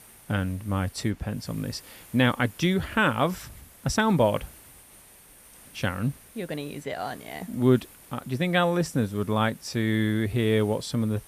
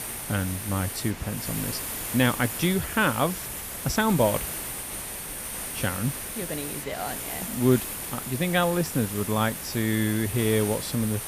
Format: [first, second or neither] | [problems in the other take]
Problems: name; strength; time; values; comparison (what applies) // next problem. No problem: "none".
first | hiss; loud; throughout; 5 dB below the speech; faint in the first